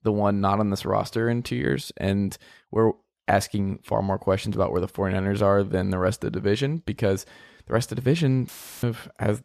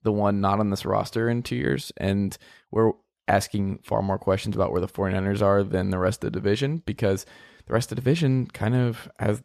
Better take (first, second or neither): second